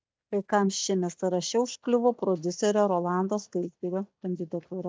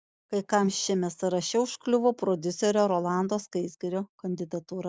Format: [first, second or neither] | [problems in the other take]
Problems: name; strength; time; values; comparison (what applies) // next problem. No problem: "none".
second | noise reduction (neural mask model DeepFilterNet 3)